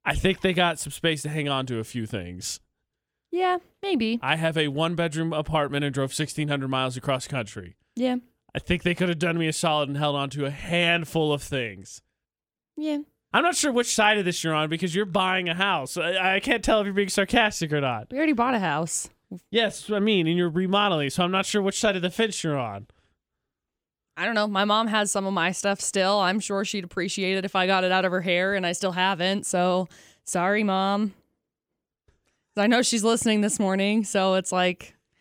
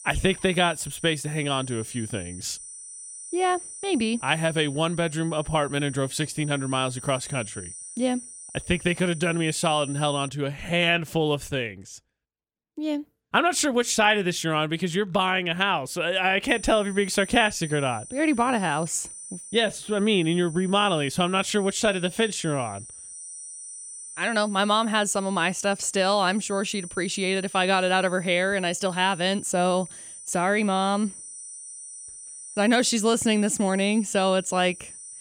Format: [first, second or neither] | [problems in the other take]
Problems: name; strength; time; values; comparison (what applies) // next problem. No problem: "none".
first | high-pitched whine; noticeable; until 10 s and from 16 s on; 9 kHz, 15 dB below the speech